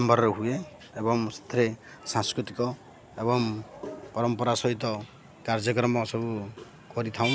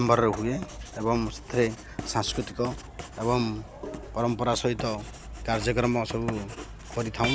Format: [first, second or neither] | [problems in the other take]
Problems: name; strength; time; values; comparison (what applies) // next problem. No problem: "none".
first | background sound (Writing); 12 dB below the speech